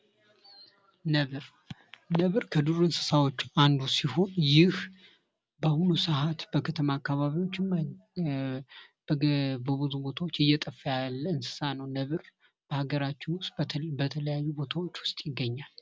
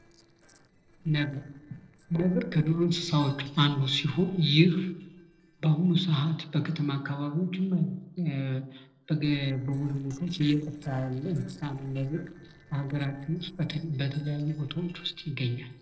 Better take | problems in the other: first | noise reduction (neural separator model SepFormer DNS4)

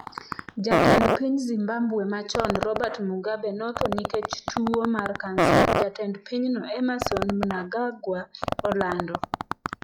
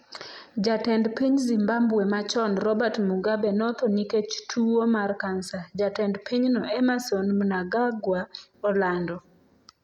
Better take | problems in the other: second | noise reduction (classical method log-MMSE)

